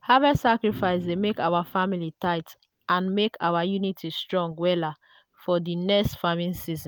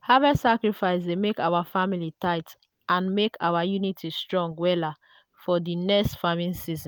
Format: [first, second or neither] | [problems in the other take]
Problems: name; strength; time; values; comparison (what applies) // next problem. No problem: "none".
second | background sound (Organ); 16 dB below the speech